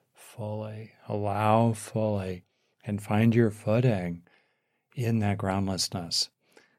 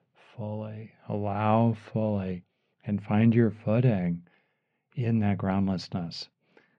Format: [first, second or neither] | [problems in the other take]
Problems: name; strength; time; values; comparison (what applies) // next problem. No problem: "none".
first | muffled; slightly; fading above 3.5 kHz